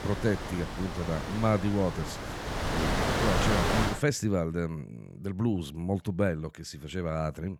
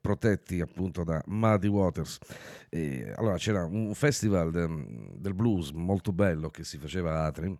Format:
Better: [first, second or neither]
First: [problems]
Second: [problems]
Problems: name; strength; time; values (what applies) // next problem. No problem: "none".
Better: second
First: wind noise on the microphone; heavy; until 4 s; 2 dB above the speech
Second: none